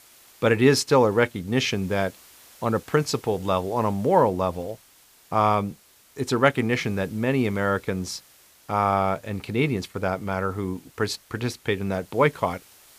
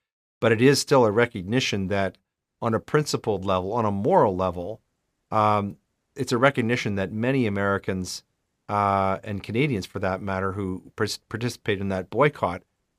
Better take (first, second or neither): second